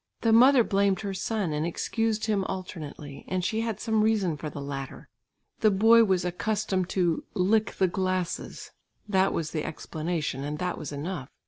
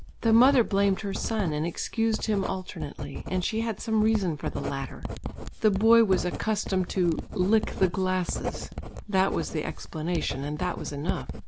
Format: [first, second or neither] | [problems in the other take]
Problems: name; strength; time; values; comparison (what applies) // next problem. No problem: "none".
first | background sound (Writing); 8 dB below the speech